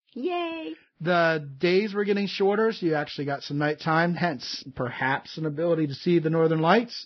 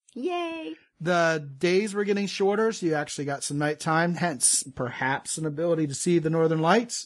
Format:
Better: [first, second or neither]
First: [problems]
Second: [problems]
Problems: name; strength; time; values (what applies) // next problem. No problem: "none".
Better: second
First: garbled, watery; badly; nothing above 5.5 kHz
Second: garbled, watery; slightly; nothing above 10 kHz